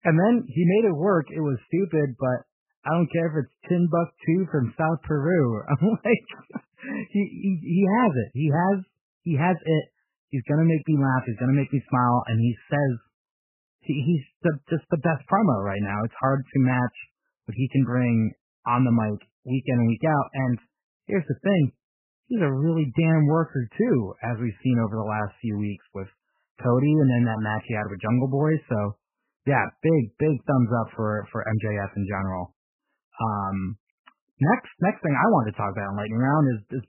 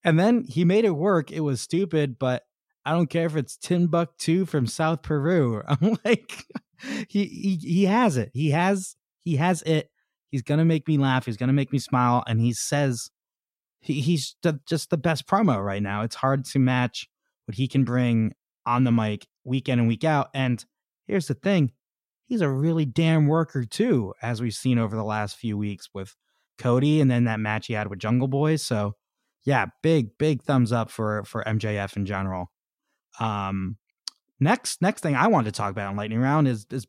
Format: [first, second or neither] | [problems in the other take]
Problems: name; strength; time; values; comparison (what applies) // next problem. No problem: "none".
second | garbled, watery; badly; nothing above 3 kHz